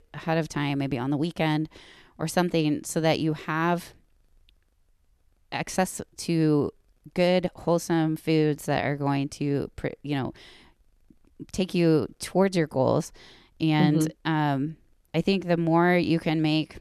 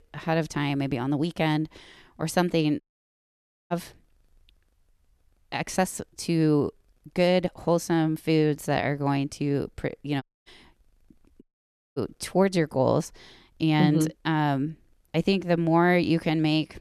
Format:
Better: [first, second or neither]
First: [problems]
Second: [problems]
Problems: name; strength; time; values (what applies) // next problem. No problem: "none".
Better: first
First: none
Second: audio cutting out; at 3 s for 1 s, at 10 s and at 11 s for 0.5 s